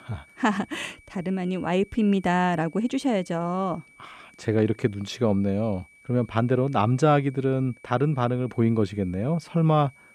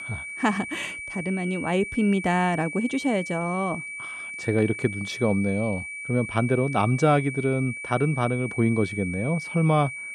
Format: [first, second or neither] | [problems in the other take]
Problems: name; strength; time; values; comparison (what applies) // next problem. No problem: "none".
first | high-pitched whine; loud; throughout; 2.5 kHz, 8 dB below the speech; faint in the first